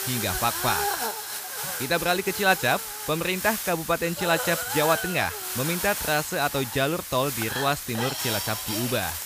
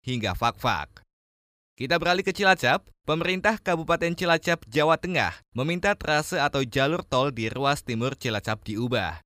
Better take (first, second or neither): second